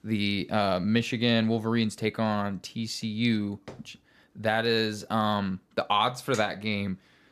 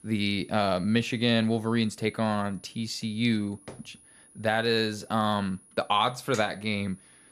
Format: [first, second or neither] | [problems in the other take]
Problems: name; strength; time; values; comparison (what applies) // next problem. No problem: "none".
first | high-pitched whine; faint; throughout; 10.5 kHz, 25 dB below the speech